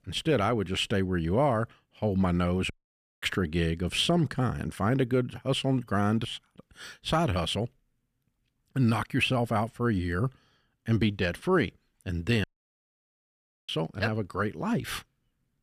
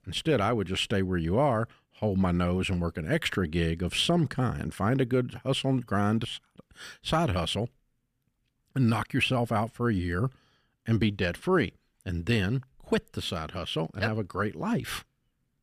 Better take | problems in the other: second | audio cutting out; at 2.5 s for 0.5 s and at 12 s for 1 s

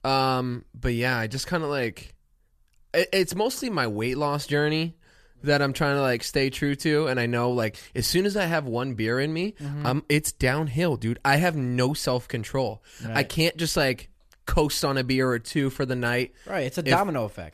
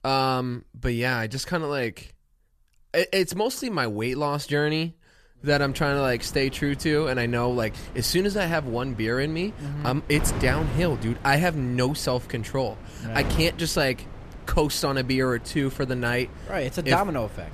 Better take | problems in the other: first | wind noise on the microphone; occasional gusts; from 5.5 s on; 15 dB below the speech

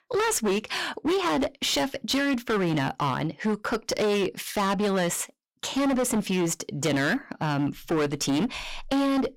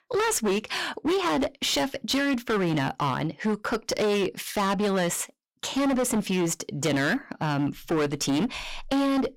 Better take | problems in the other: neither | distortion; heavy; 20% of the sound clipped; the same in both

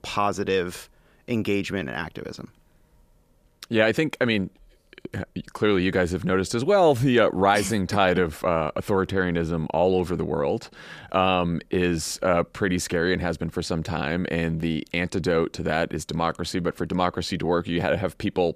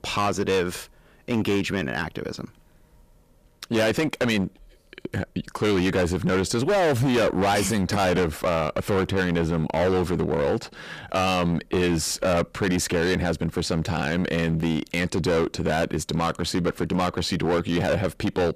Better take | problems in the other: first | distortion; heavy; 17% of the sound clipped

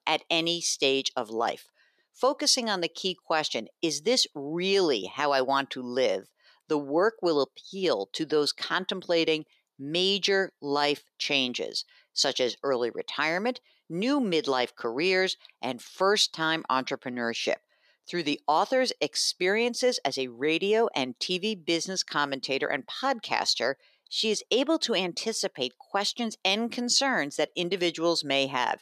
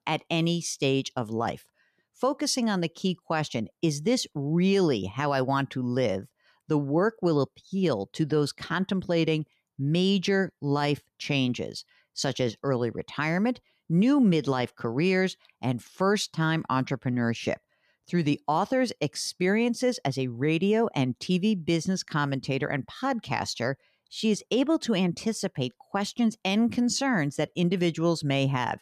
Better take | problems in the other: second | thin; somewhat; fading below 450 Hz

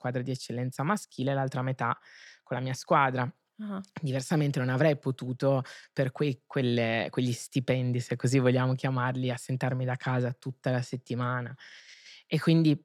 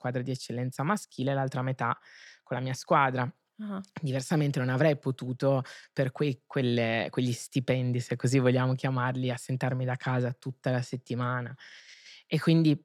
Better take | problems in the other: neither | none

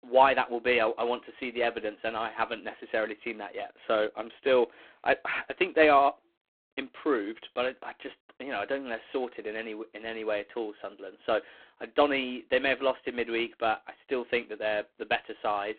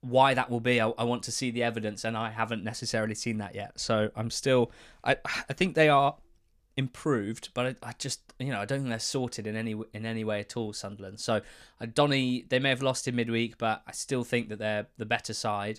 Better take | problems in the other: second | phone-call audio; poor line; nothing above 3.5 kHz

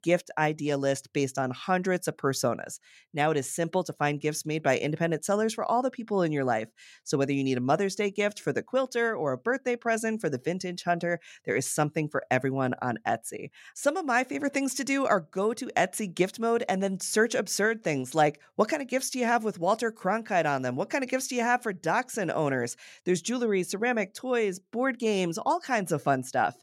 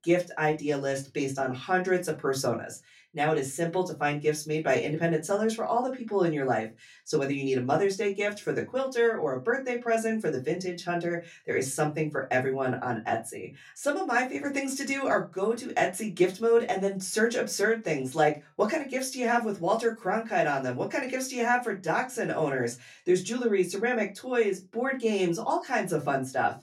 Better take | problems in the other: first | off-mic speech; far // room echo; very slight; dies away in 0.2 s

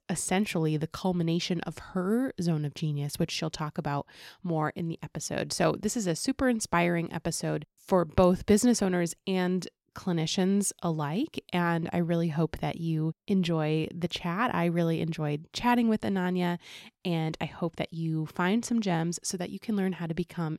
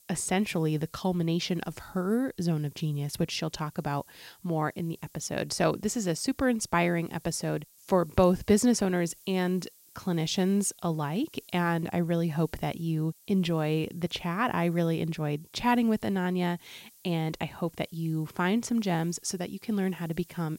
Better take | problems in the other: first | hiss; faint; throughout; 25 dB below the speech

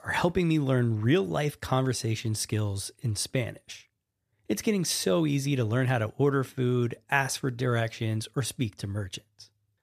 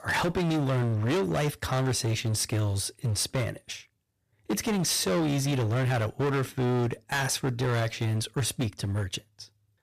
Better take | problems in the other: first | distortion; heavy; 24% of the sound clipped

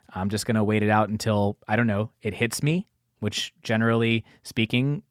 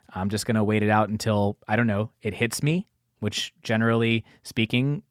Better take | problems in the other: neither | none

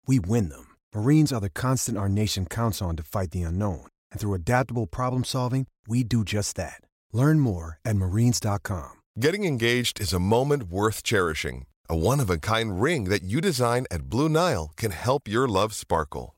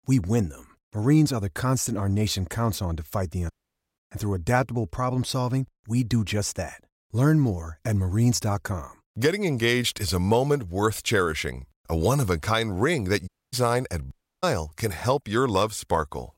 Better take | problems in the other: first | audio cutting out; at 3.5 s, at 13 s and at 14 s

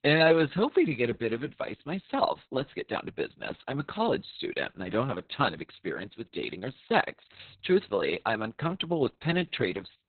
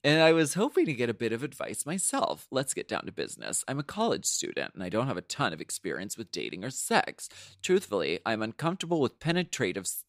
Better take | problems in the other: second | garbled, watery; badly; nothing above 4 kHz

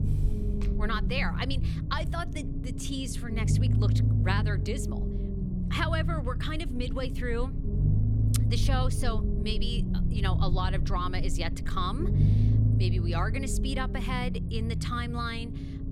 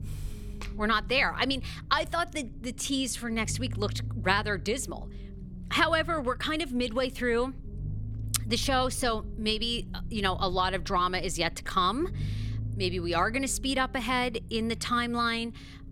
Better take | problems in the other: second | low rumble; loud; throughout; 7 dB below the speech; faint in the second

